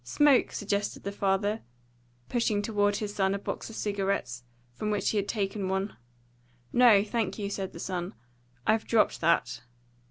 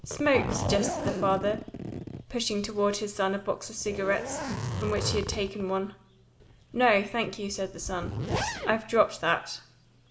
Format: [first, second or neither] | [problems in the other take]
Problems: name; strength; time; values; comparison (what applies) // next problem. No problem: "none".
first | background sound (Zipper (clothing)); 6 dB below the speech // room echo; dies away in 0.6 s